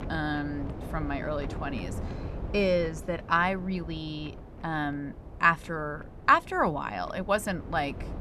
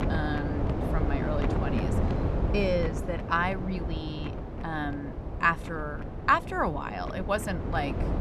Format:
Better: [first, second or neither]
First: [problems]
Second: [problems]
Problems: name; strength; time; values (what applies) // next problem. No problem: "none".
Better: first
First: wind noise on the microphone; occasional gusts; 20 dB below the speech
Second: wind noise on the microphone; heavy; 8 dB below the speech